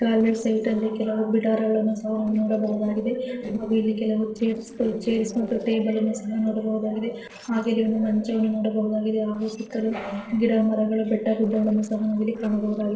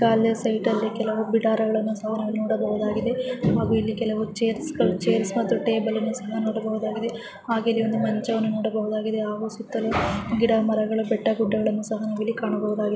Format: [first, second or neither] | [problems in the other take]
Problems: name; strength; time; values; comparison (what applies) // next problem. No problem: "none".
second | noise reduction (neural separator model SepFormer DNS4)